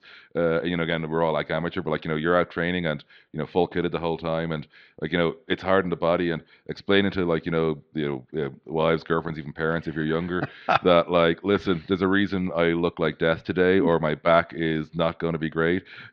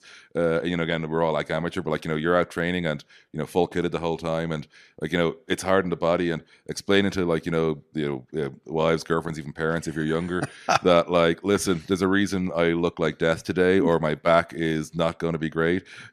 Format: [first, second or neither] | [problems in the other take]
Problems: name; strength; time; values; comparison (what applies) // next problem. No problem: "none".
second | muffled; slightly; fading above 4 kHz